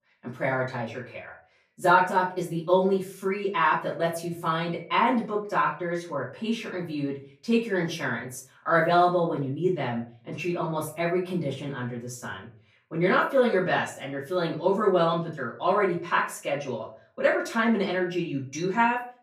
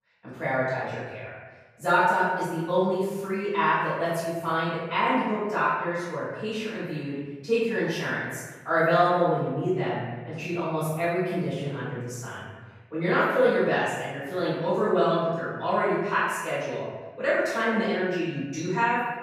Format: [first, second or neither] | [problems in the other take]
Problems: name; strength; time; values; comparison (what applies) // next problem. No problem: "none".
first | room echo; strong; dies away in 1.2 s; slight in the first // off-mic speech; far; far in the first